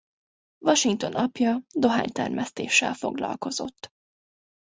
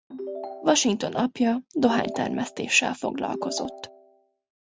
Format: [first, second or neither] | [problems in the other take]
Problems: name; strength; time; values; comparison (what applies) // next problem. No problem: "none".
first | background sound (Ringtone / Chime); 12 dB below the speech